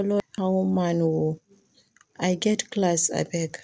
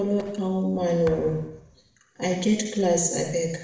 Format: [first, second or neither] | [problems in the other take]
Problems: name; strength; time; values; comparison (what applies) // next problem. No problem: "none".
first | background sound (Thump, thud); 16 dB below the speech // room echo; dies away in 0.7 s